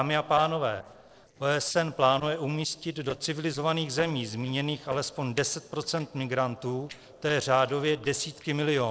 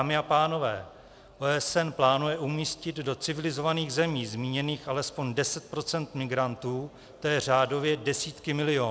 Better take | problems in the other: second | noise reduction (neural separator model SepFormer DNS4)

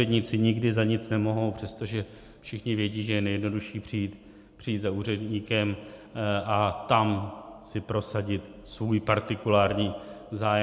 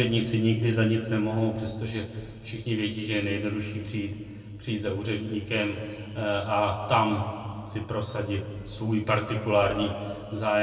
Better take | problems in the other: first | room echo; dies away in 1.8 s

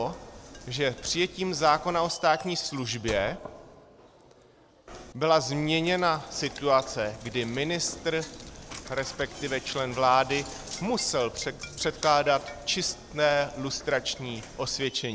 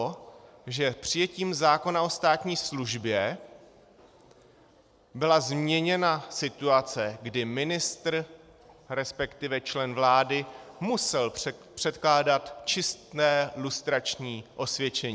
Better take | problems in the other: second | background sound (Knock); 16 dB below the speech

